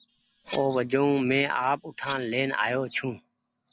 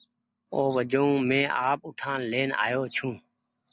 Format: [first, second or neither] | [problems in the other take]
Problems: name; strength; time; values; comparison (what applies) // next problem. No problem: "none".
second | background sound (Cutlery, silverware); 19 dB below the speech